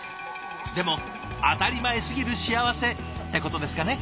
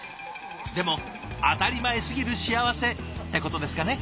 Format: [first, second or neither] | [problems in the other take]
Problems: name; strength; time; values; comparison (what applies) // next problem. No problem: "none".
second | background sound (Wind instrument, woodwind instrument); 15 dB below the speech